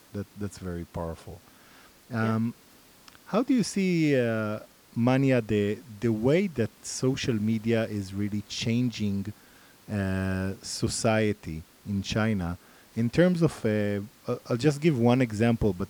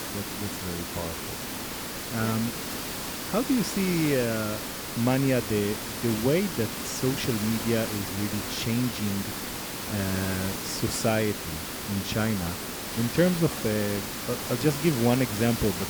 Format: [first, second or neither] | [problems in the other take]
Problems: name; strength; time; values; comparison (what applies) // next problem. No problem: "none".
first | hiss; loud; throughout; 4 dB below the speech; faint in the first